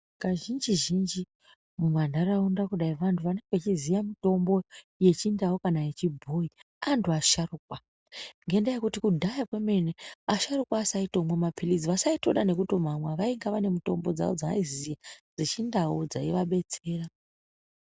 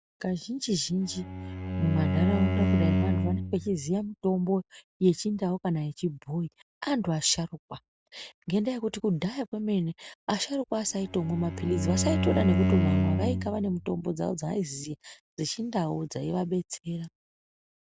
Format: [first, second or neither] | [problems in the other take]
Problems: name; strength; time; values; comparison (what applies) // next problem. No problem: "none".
first | background sound (Bowed string instrument); 2 dB above the speech